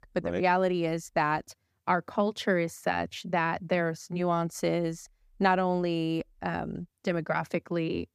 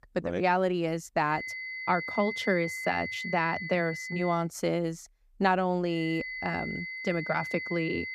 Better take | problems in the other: first | high-pitched whine; loud; from 1.5 to 4.5 s and from 6 s on; 2 kHz, 6 dB below the speech

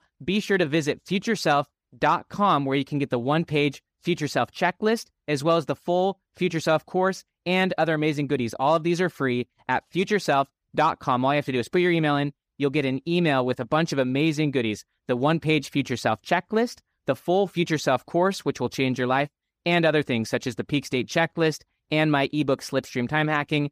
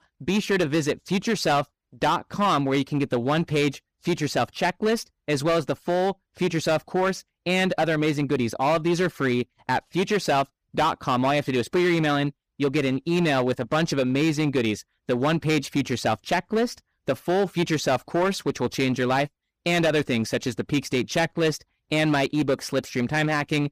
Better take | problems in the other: first | distortion; slight; 9% of the sound clipped

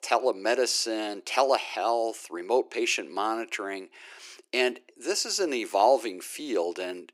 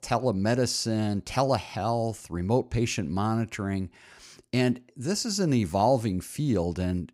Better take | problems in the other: second | thin; very; fading below 350 Hz

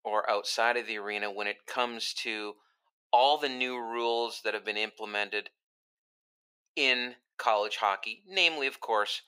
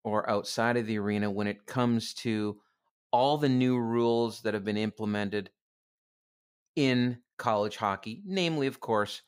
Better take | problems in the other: second | thin; very; fading below 450 Hz

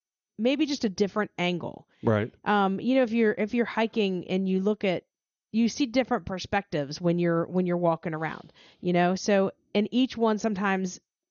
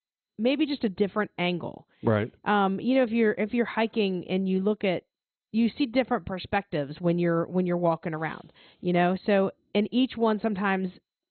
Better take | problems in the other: first | garbled, watery; badly; nothing above 4 kHz; slightly in the first

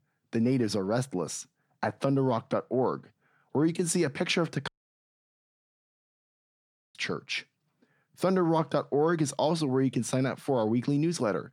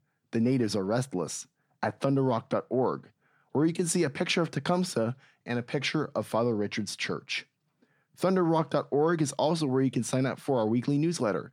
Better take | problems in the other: second | audio cutting out; at 4.5 s for 2.5 s

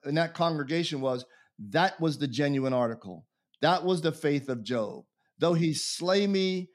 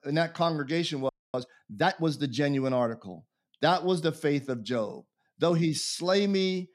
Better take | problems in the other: first | audio freezing; at 1 s

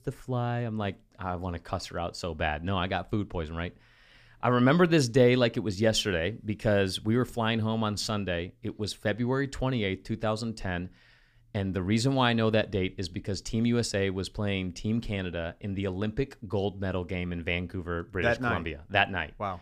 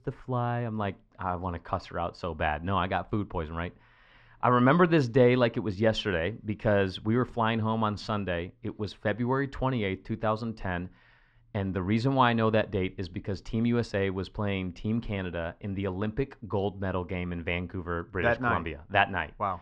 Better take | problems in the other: first | muffled; slightly; fading above 3 kHz

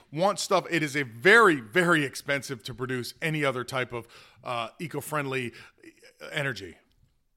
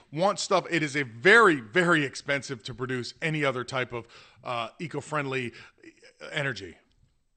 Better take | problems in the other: first | garbled, watery; slightly; nothing above 8.5 kHz

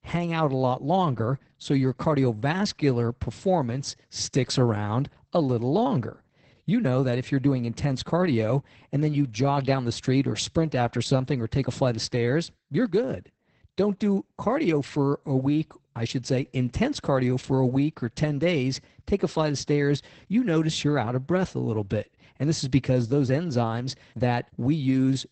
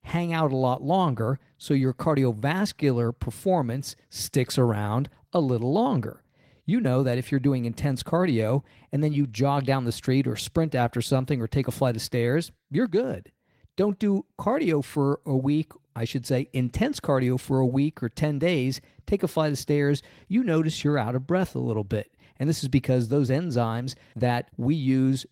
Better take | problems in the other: second | garbled, watery; badly; nothing above 8 kHz; slightly in the second

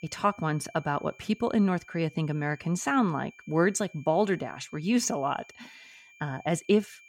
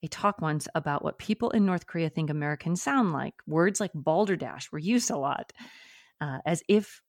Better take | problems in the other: second | high-pitched whine; faint; throughout; 2.5 kHz, 25 dB below the speech

